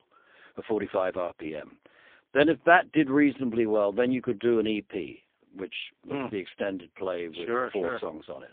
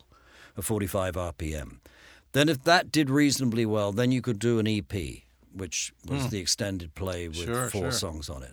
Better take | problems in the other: second | phone-call audio; poor line

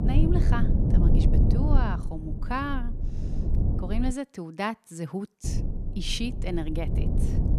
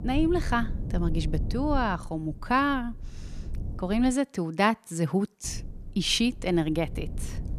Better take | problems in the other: second | low rumble; loud; until 4 s and from 5.5 s on; 5 dB below the speech; faint in the second

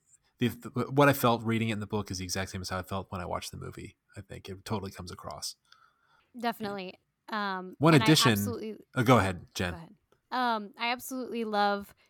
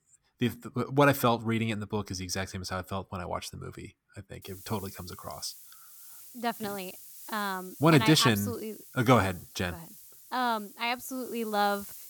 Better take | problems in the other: first | hiss; noticeable; from 4.5 s on; 15 dB below the speech

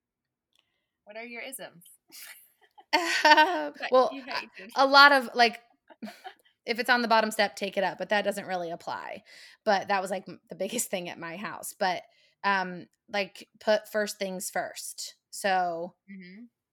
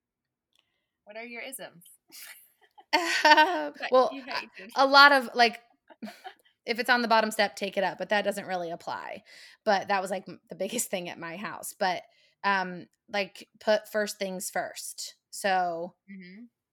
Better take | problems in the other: neither | none

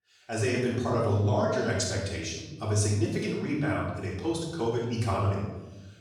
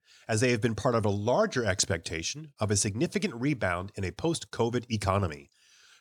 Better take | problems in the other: second | off-mic speech; far // room echo; noticeable; dies away in 1.1 s

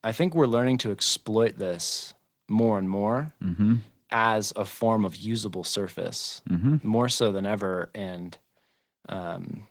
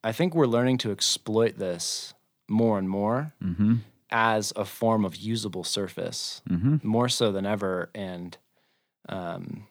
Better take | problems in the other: second | garbled, watery; slightly

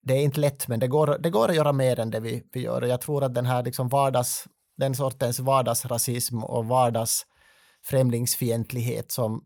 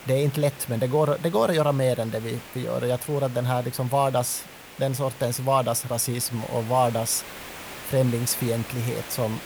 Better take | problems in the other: first | hiss; noticeable; throughout; 15 dB below the speech

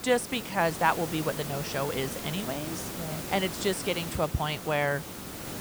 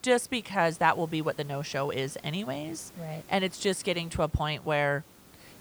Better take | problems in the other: second | hiss; loud; throughout; 7 dB below the speech; faint in the second

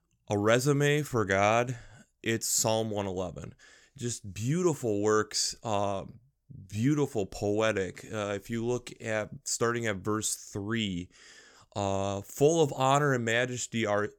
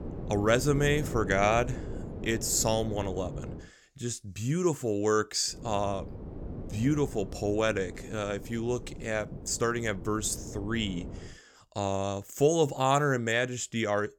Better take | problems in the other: first | wind noise on the microphone; occasional gusts; until 3.5 s and from 5.5 to 11 s; 15 dB below the speech

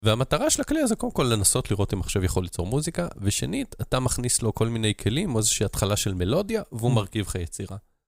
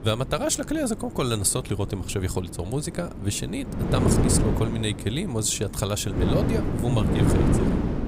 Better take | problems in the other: first | wind noise on the microphone; heavy; 1 dB below the speech

